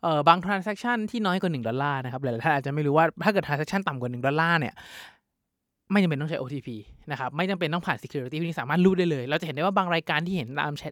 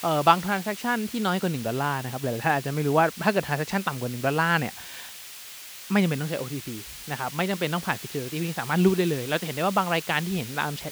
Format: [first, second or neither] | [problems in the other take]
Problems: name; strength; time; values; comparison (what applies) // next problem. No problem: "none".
first | hiss; noticeable; throughout; 10 dB below the speech